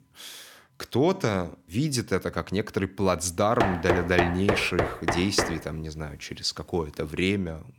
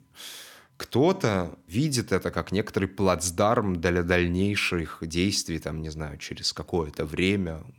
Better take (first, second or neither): second